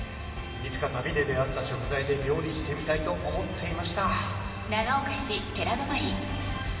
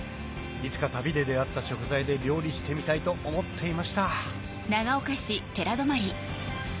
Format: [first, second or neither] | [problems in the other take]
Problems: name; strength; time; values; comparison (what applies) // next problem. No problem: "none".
second | room echo; dies away in 2.7 s